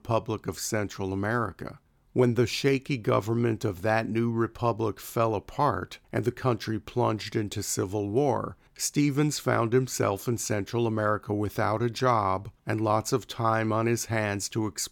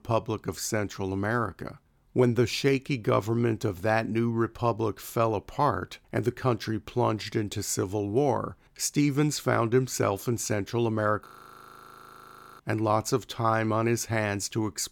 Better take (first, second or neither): first